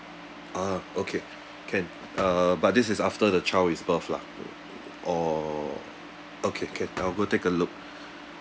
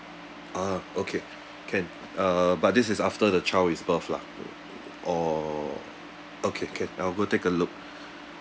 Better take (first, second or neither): second